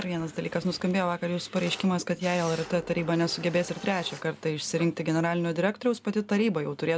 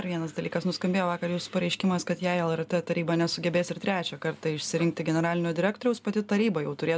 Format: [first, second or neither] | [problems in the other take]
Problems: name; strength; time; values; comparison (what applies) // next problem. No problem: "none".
second | background sound (Fire + Camera); 20 dB below the speech